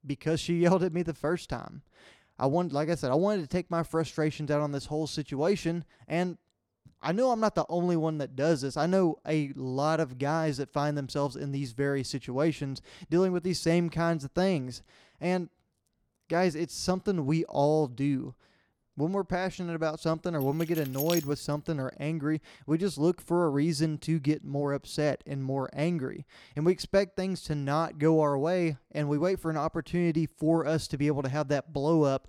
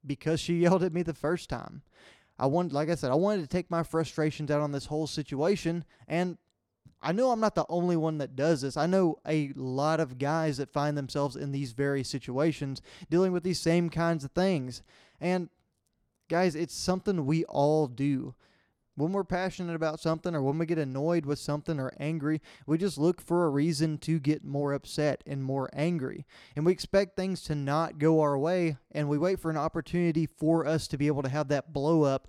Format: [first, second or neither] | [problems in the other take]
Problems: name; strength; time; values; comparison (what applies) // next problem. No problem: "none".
second | jangling keys; noticeable; at 20 s; peak 5 dB below the speech